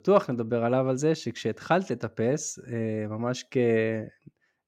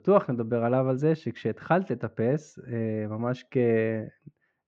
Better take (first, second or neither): first